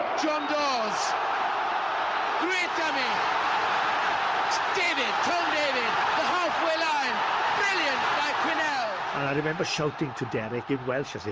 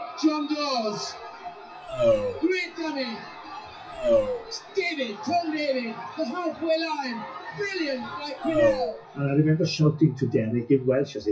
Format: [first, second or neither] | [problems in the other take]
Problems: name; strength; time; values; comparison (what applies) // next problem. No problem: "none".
first | noise reduction (classical method WPE with log-MMSE)